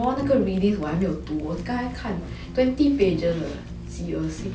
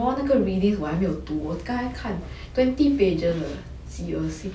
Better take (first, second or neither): second